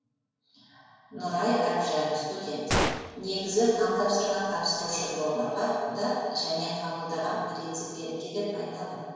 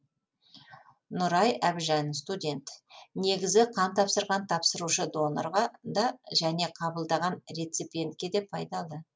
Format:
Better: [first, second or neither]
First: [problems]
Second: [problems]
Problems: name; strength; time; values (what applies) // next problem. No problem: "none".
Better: second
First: background sound (Gunshot, gunfire); 4 dB below the speech // room echo; dies away in 1.9 s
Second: none